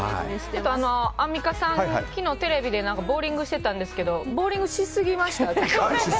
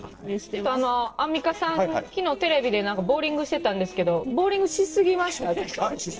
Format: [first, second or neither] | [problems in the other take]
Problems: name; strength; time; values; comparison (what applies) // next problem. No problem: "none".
first | noise reduction (neural separator model SepFormer DNS4)